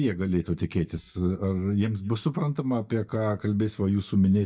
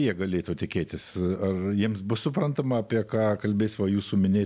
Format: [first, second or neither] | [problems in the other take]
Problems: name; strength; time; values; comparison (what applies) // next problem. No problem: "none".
second | noise reduction (neural mask model DeepFilterNet 3)